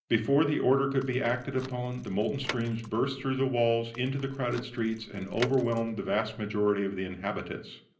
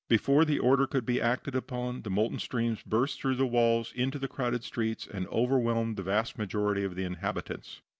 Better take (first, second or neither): second